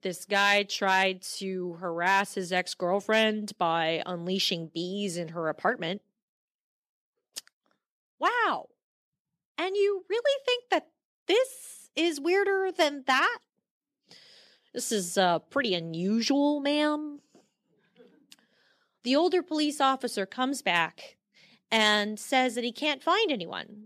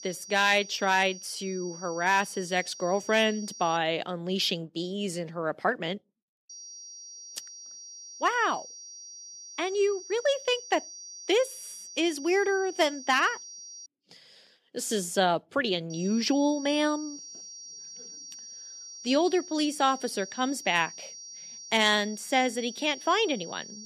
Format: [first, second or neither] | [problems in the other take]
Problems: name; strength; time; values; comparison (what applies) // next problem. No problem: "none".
first | high-pitched whine; noticeable; until 4 s, from 6.5 to 14 s and from 16 s on; 5.5 kHz, 15 dB below the speech